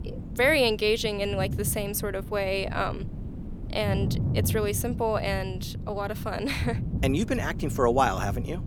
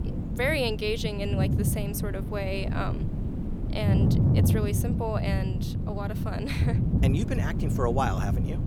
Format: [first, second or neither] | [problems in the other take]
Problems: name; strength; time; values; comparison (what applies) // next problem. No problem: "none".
first | wind noise on the microphone; heavy; 5 dB below the speech; occasional gusts in the first